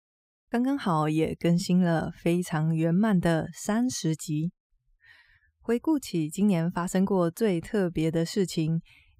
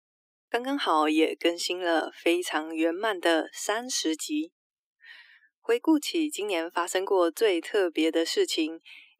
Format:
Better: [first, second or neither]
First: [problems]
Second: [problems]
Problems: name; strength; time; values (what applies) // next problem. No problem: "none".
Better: first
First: none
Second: thin; very; fading below 300 Hz